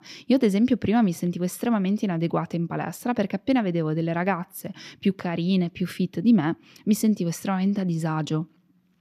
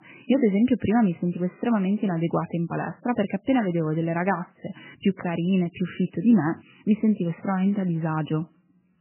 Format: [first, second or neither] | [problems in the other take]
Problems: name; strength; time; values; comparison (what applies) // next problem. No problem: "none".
first | garbled, watery; badly; nothing above 3 kHz